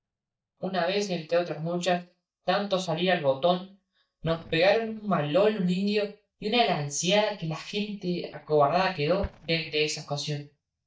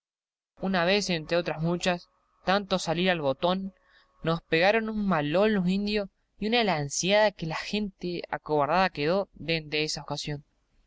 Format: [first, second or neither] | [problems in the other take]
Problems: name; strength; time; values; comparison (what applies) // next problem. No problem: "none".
second | noise reduction (neural mask model DeepFilterNet 3)